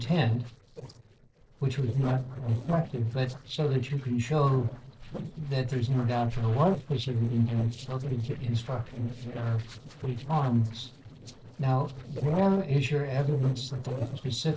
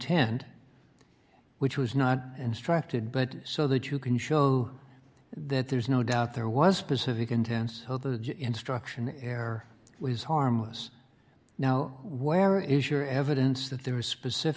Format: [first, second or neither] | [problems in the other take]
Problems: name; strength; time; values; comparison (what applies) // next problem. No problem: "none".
second | noise reduction (neural separator model SepFormer DNS4)